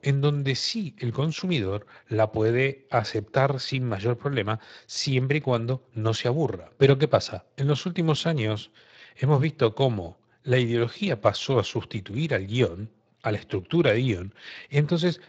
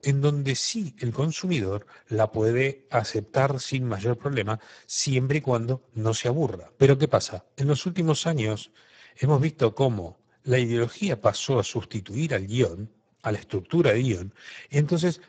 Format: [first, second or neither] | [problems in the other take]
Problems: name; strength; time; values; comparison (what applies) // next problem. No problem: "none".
first | garbled, watery; badly; nothing above 7.5 kHz; slightly in the first